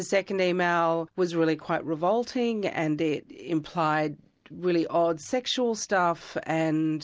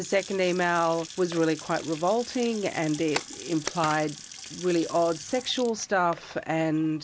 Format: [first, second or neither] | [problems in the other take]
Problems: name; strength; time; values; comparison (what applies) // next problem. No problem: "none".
first | background sound (Sink (filling or washing) / Water tap, faucet / Splash, splatter + Camera); 14 dB below the speech